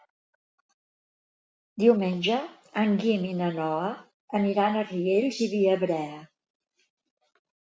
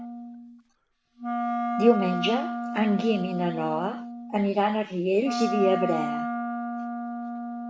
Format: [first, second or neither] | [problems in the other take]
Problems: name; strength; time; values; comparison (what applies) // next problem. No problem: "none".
first | background sound (Wind instrument, woodwind instrument); 4 dB below the speech